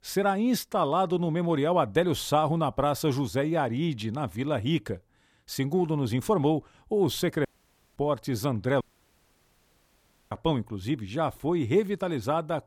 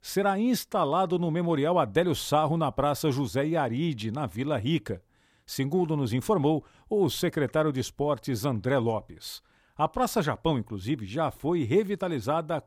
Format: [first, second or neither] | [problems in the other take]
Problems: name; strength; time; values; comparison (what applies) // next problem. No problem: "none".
second | audio cutting out; at 7.5 s for 0.5 s and at 9 s for 1.5 s